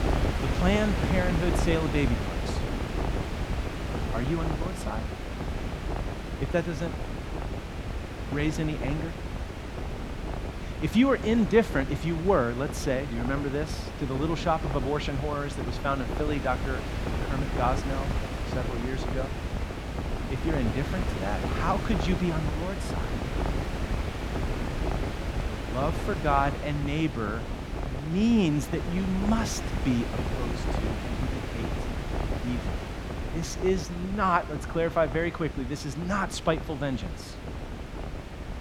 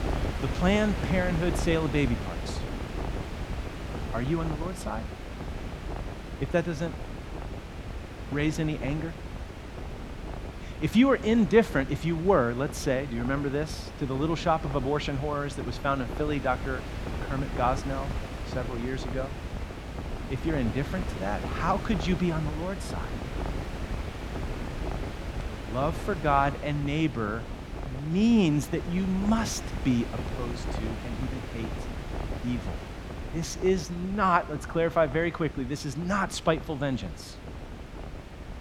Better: second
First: wind noise on the microphone; heavy; 6 dB below the speech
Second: wind noise on the microphone; occasional gusts; 10 dB below the speech

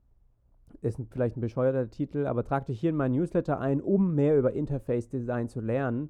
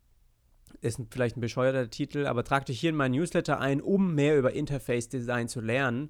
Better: second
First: muffled; very; fading above 1.5 kHz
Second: none

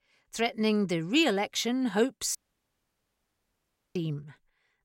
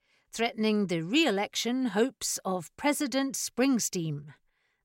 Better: second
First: audio cutting out; at 2.5 s for 1.5 s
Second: none

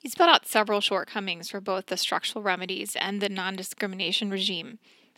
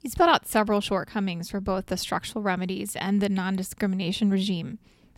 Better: second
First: thin; somewhat; fading below 250 Hz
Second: none

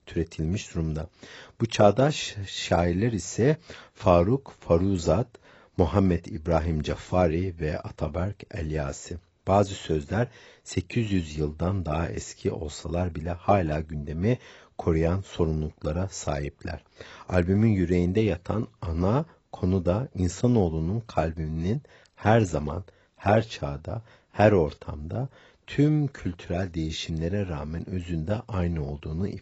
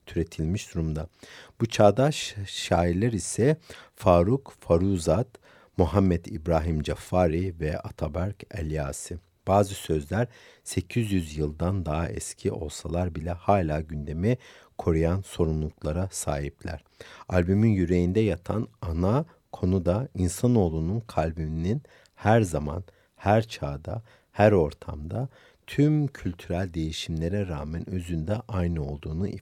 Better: second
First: garbled, watery; badly; nothing above 8 kHz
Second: none

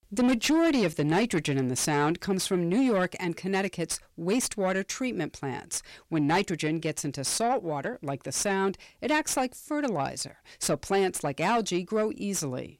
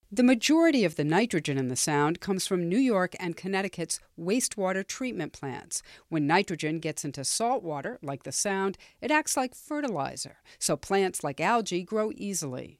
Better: second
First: distortion; slight; 10 dB below the speech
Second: none

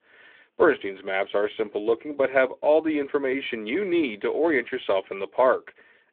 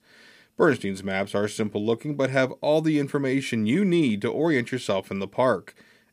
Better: second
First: phone-call audio; nothing above 3.5 kHz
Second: none

